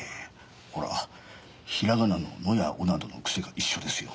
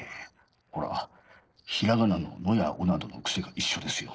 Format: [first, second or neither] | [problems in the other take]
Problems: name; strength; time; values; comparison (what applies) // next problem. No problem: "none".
first | noise reduction (neural separator model SepFormer DNS4)